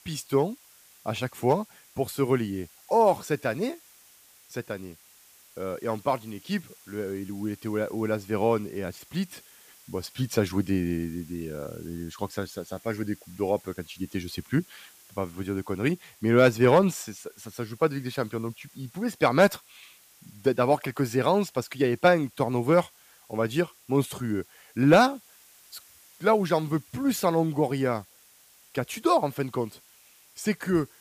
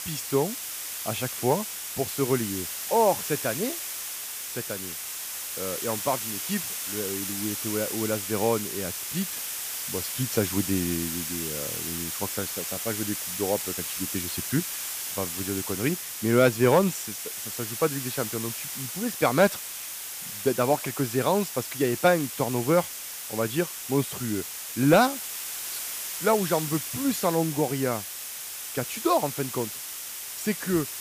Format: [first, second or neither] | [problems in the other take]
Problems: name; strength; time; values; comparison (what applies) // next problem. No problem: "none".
first | hiss; loud; throughout; 4 dB below the speech; faint in the first